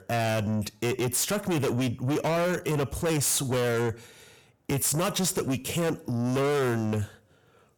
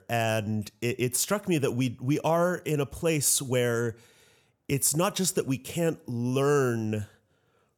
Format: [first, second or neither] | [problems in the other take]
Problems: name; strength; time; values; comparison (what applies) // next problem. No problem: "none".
second | distortion; heavy; 7 dB below the speech